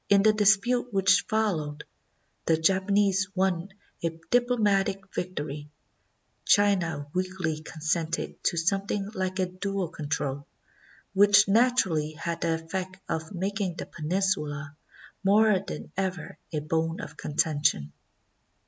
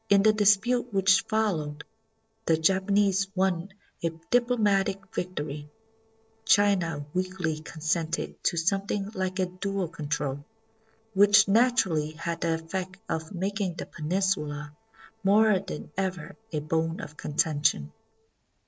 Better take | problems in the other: first | noise reduction (neural separator model SepFormer DNS4)

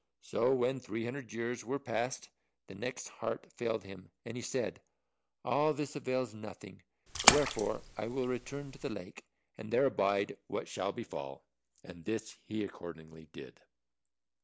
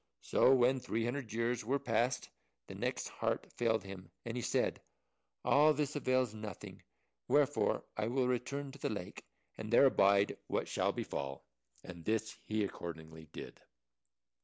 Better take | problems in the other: second | background sound (Splash, splatter); 3 dB above the speech

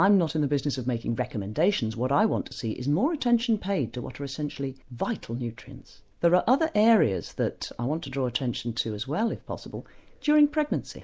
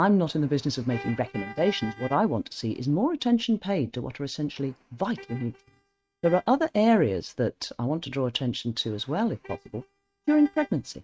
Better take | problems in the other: first | noise reduction (neural mask model RNNoise)

